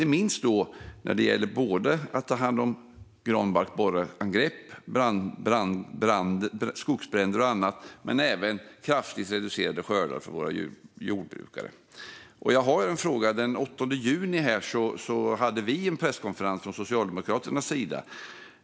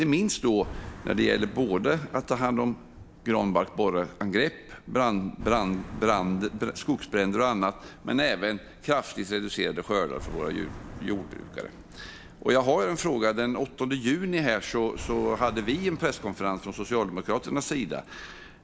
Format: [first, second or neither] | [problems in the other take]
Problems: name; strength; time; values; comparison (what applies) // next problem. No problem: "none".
first | background sound (Car passing by); 17 dB below the speech